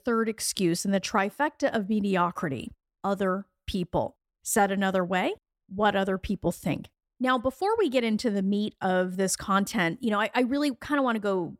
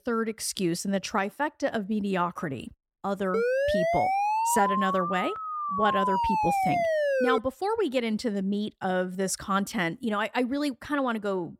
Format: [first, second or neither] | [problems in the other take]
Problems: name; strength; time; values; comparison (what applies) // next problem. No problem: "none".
first | siren; loud; from 3.5 to 7.5 s; peak 4 dB above the speech